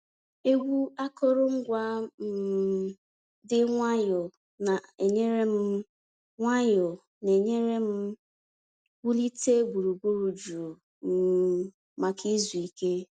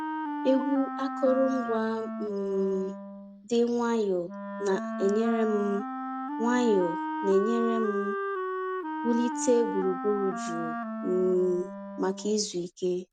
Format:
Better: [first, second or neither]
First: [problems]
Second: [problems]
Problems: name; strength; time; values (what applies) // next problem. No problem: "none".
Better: first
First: none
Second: background sound (Wind instrument, woodwind instrument); 6 dB below the speech